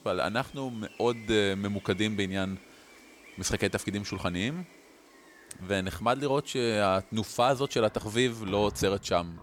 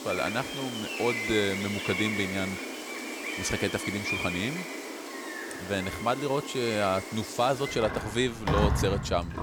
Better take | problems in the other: first | animal sounds; loud; throughout; 3 dB below the speech; faint in the first

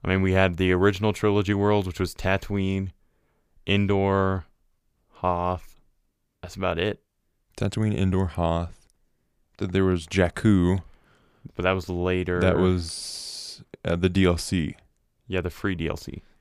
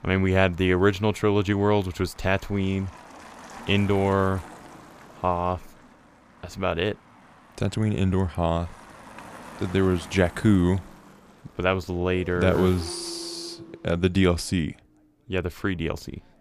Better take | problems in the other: first | traffic noise; noticeable; throughout; 20 dB below the speech

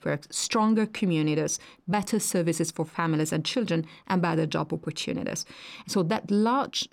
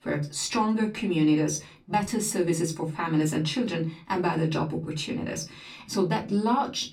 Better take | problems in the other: first | off-mic speech; far // room echo; very slight; dies away in 0.3 s

